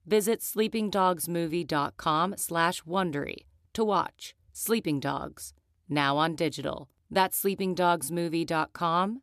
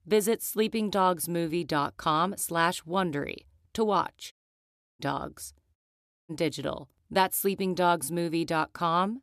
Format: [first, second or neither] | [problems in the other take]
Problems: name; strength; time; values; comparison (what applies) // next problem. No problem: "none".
first | audio cutting out; at 4.5 s for 0.5 s and at 6 s for 0.5 s